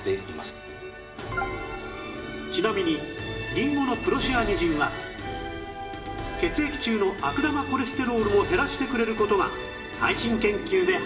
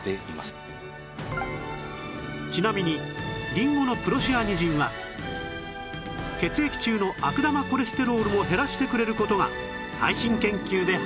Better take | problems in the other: second | room echo; dies away in 0.8 s

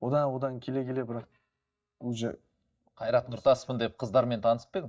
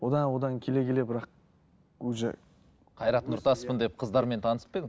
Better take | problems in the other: second | noise reduction (neural mask model DeepFilterNet 3)

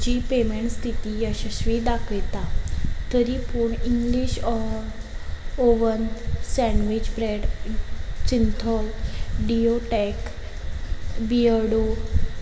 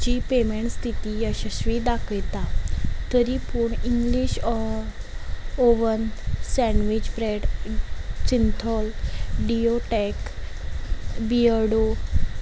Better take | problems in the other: second | room echo; dies away in 1.7 s

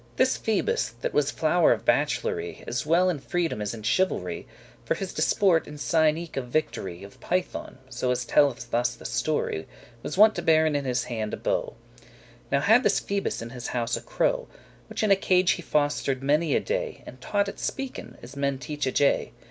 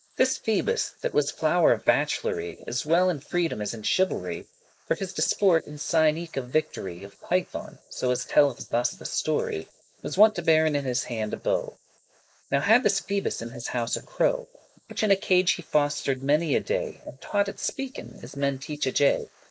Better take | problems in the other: first | noise reduction (neural mask model Resemble Enhance denoiser)

